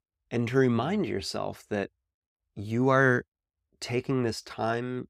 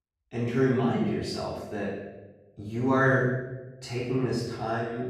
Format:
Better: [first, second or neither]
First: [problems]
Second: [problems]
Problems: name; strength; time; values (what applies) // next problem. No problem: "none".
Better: first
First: none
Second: off-mic speech; far // room echo; strong; dies away in 1 s